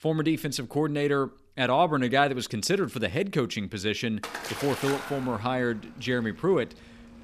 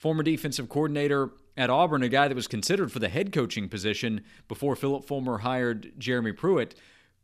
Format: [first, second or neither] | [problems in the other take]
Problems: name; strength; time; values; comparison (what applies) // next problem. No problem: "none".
second | rain or running water; noticeable; from 4 s on; 10 dB below the speech